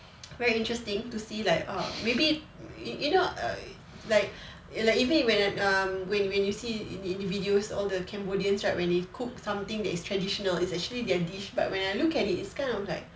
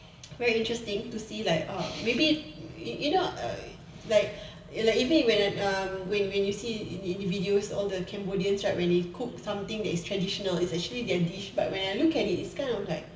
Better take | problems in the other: first | room echo; dies away in 2.6 s

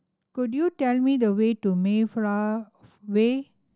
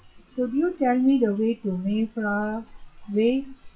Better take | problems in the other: first | noise reduction (classical method WPE with log-MMSE)

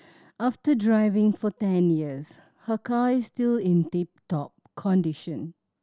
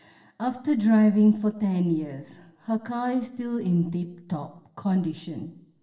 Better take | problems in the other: first | room echo; dies away in 0.9 s

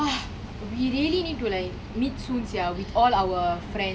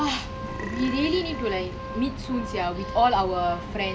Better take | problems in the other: first | background sound (Organ + Burping, eructation); 12 dB below the speech

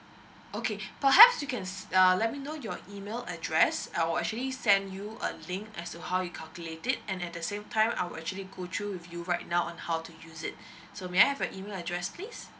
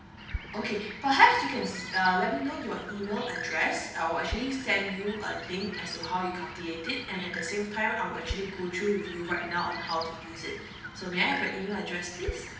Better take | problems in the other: first | background sound (Bird); 11 dB below the speech // room echo; dies away in 0.8 s

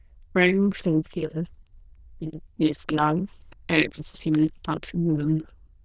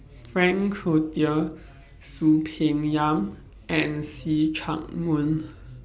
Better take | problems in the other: second | noise reduction (neural diffusion model UNIVERSE++)

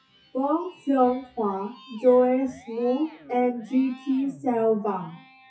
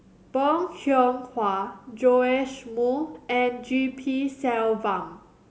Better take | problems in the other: second | noise reduction (classical method WPE with log-MMSE)

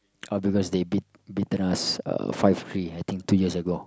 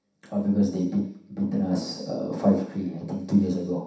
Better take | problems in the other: first | room echo; dies away in 0.7 s

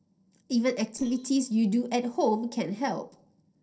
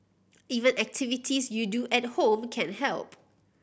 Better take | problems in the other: second | noise reduction (neural separator model SepFormer DNS4)

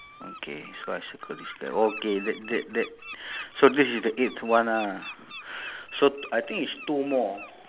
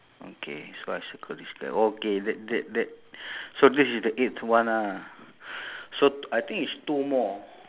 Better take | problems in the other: second | background sound (Bird); 16 dB below the speech

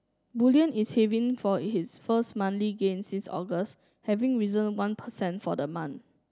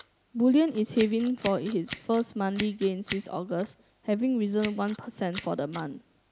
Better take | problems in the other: first | background sound (Scissors); 16 dB below the speech

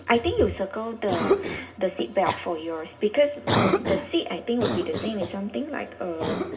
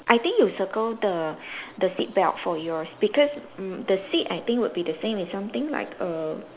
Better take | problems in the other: second | background sound (Cough); 3 dB below the speech // room echo; dies away in 0.4 s

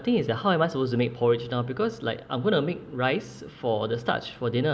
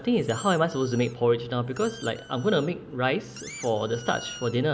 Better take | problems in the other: first | background sound (Squeak); 19 dB below the speech

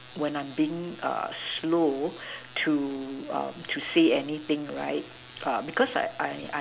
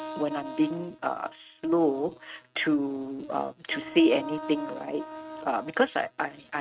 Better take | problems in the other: first | noise reduction (neural mask model RNNoise)

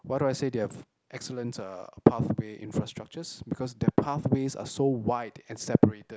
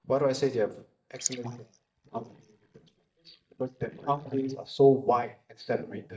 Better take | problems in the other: first | noise reduction (neural mask model DeepFilterNet 3)

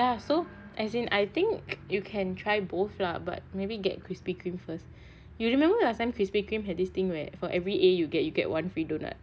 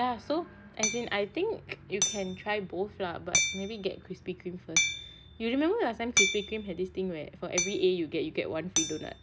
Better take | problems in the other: first | background sound (Hammer); 2 dB below the speech

